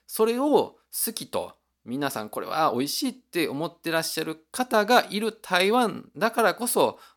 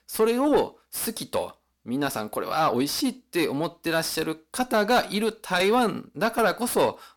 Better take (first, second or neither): first